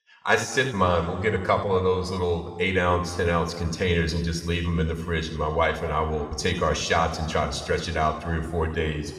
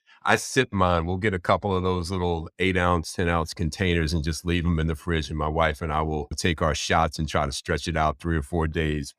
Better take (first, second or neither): second